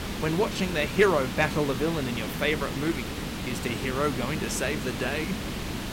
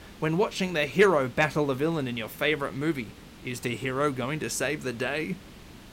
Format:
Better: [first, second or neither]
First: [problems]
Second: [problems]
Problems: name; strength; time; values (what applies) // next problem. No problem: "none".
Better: second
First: hiss; loud; throughout; 5 dB below the speech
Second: hiss; faint; throughout; 20 dB below the speech